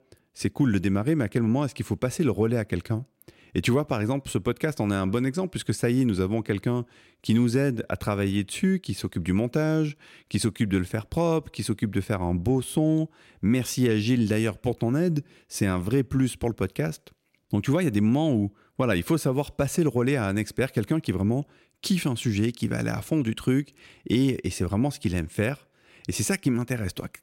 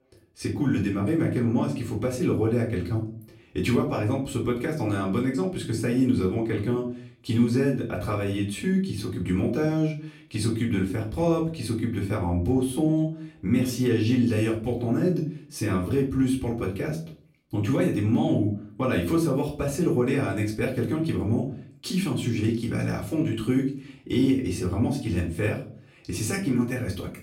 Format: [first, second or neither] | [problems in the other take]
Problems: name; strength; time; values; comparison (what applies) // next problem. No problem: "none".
first | off-mic speech; far // room echo; slight; dies away in 0.4 s